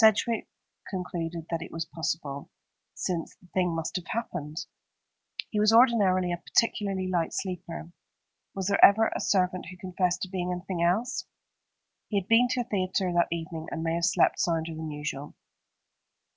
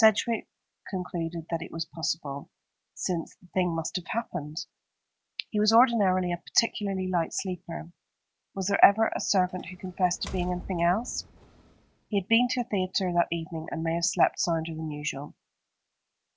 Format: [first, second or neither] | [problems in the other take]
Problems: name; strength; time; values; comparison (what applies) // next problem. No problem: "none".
first | background sound (Door); 15 dB below the speech